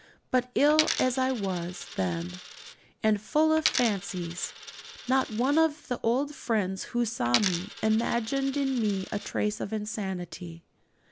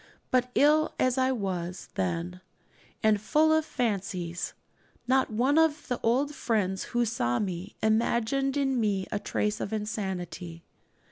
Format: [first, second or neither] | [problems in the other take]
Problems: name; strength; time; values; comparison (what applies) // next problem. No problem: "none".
second | background sound (Coin (dropping)); 9 dB below the speech